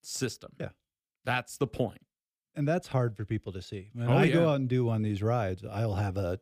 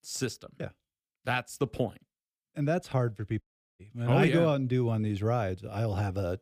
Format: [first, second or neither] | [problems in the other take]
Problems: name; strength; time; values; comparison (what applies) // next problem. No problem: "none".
first | audio cutting out; at 3.5 s